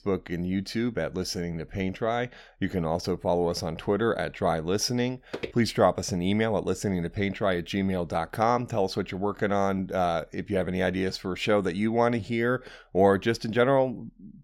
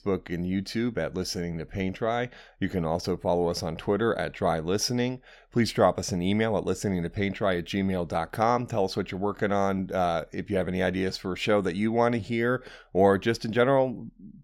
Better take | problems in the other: second | footsteps; faint; at 5.5 s; peak 10 dB below the speech

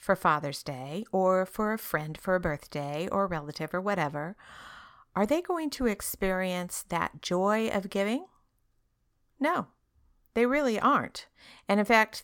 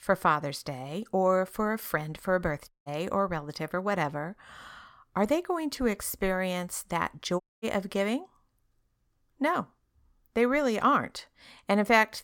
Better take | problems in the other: first | audio cutting out; at 2.5 s and at 7.5 s

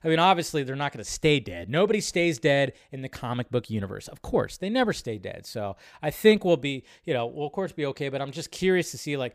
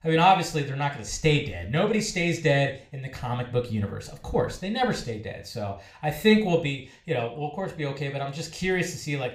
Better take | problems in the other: first | room echo; slight; dies away in 0.4 s // off-mic speech; somewhat distant

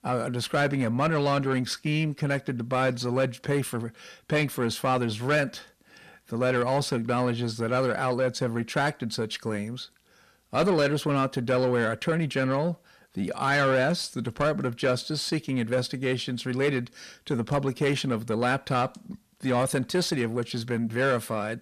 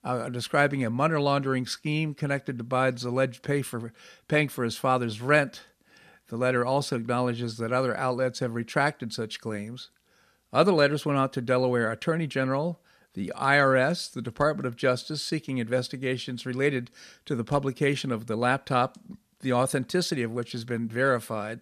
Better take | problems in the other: second | distortion; slight; 10 dB below the speech

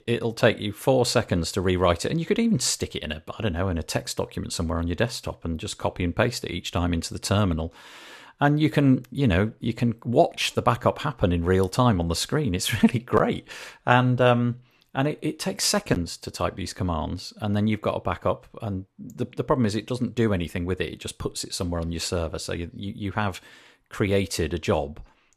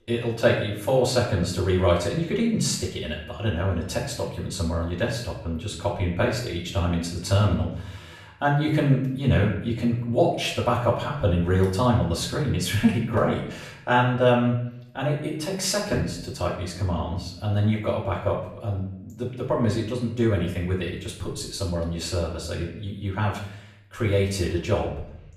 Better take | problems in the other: first | off-mic speech; far // room echo; noticeable; dies away in 0.7 s

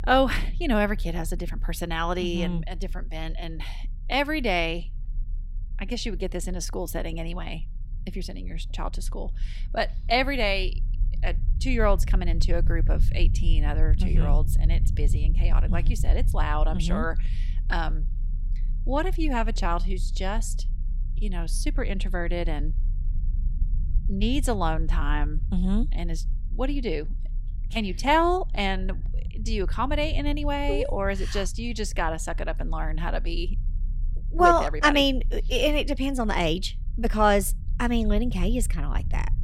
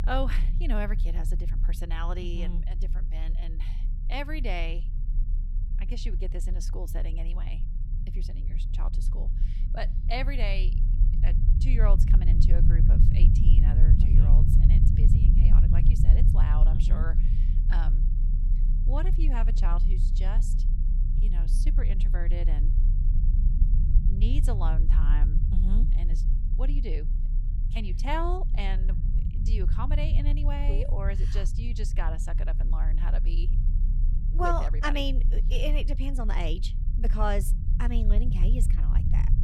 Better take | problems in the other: first | low rumble; loud; throughout; 8 dB below the speech; faint in the first

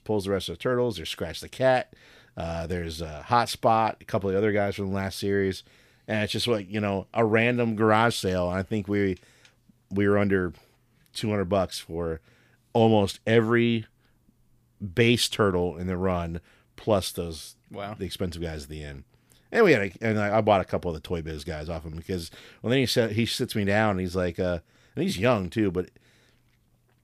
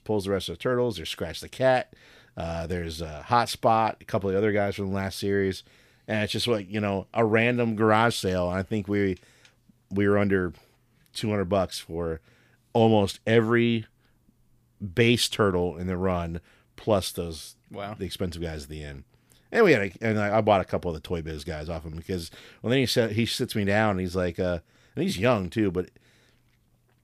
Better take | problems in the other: neither | none

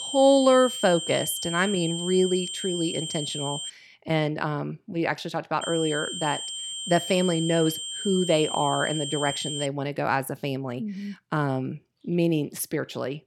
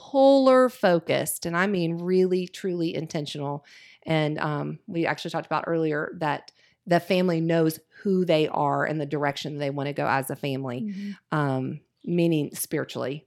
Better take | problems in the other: second | high-pitched whine; loud; until 3.5 s and from 5.5 to 9.5 s; 3 kHz, 5 dB below the speech

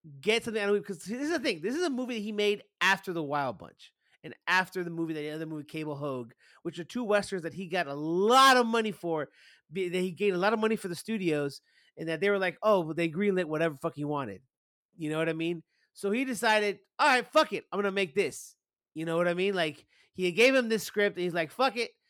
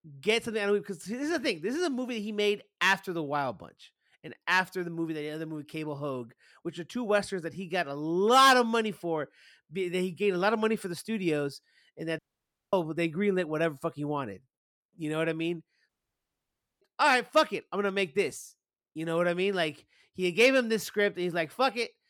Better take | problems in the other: first | audio cutting out; at 12 s for 0.5 s and at 16 s for 1 s

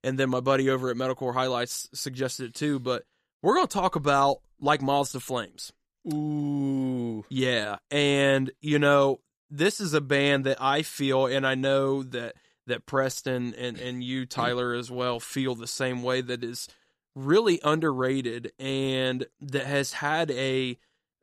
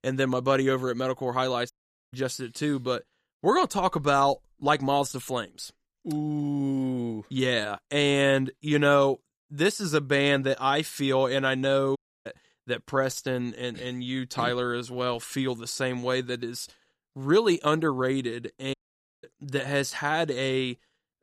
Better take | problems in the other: first | audio cutting out; at 1.5 s, at 12 s and at 19 s

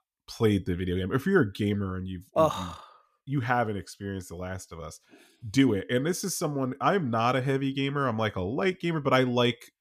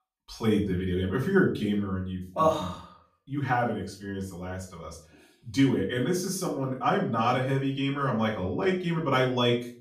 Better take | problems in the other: first | off-mic speech; far // room echo; slight; dies away in 0.3 s

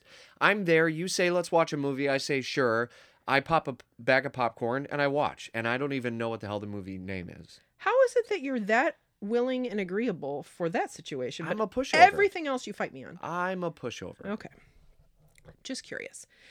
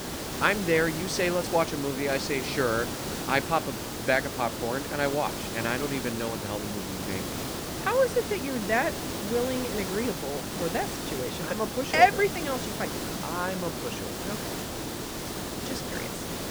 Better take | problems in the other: first | hiss; loud; throughout; 4 dB below the speech

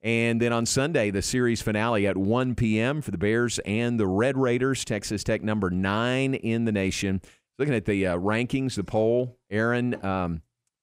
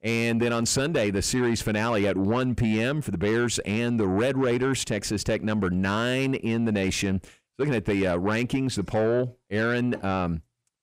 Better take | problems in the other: first | distortion; slight; 10 dB below the speech

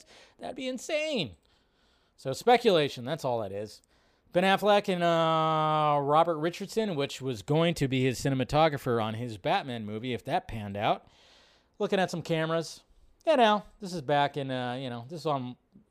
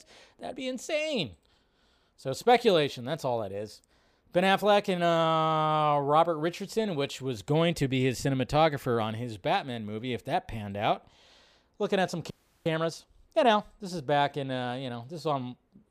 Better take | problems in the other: first | audio freezing; at 12 s

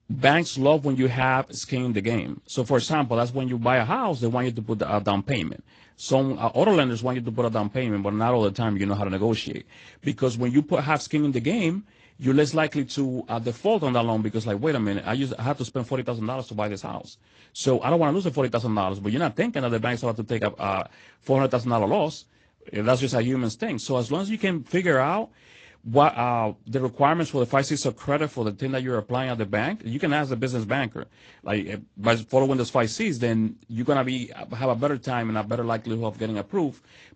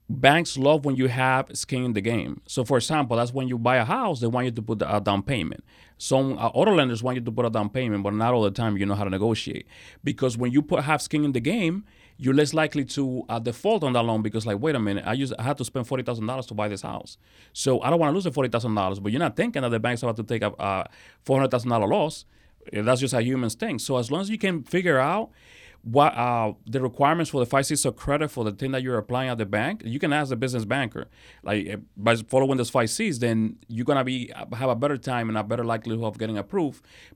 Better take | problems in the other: second | garbled, watery; slightly; nothing above 8 kHz

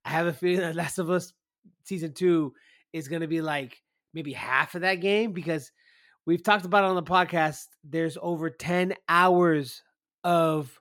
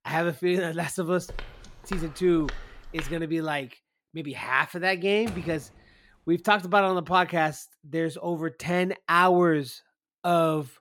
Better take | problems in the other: first | footsteps; faint; from 1.5 to 3 s; peak 10 dB below the speech // door banging; faint; at 5.5 s; peak 15 dB below the speech

